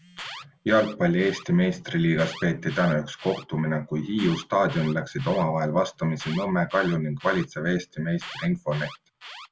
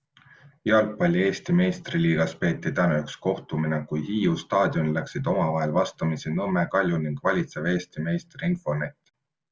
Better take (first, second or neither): second